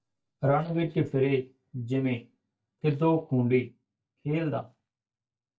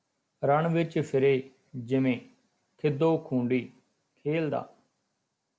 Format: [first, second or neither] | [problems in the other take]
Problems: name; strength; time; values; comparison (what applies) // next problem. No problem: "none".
second | noise reduction (neural mask model DeepFilterNet 3)